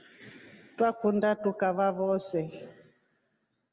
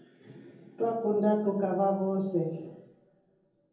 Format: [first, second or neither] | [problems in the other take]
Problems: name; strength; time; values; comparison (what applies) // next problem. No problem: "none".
first | room echo; dies away in 0.7 s